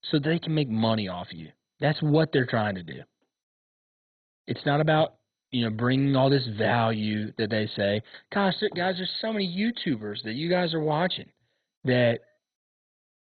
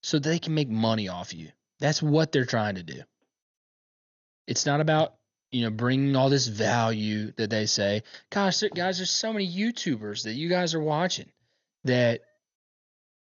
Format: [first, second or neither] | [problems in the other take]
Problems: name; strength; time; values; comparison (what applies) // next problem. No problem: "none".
second | garbled, watery; badly; nothing above 4 kHz; slightly in the second